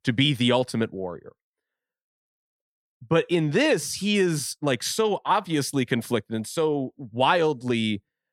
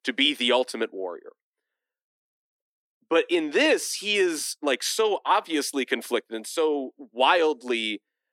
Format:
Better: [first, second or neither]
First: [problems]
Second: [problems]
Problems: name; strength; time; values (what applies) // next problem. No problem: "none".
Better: first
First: none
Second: thin; somewhat; fading below 300 Hz